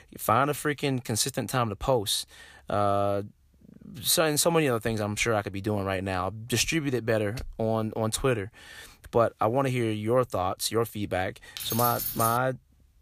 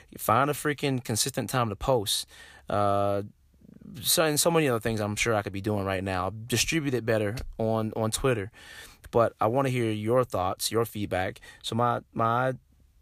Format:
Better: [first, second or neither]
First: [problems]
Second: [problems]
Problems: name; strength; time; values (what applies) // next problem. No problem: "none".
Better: second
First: jangling keys; noticeable; at 12 s; peak 2 dB below the speech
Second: none